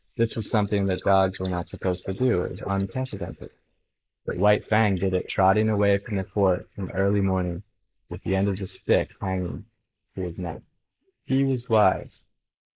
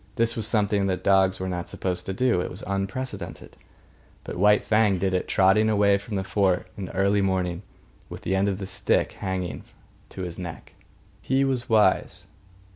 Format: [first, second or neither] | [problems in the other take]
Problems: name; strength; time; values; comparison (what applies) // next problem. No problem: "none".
second | noise reduction (neural mask model Resemble Enhance denoiser)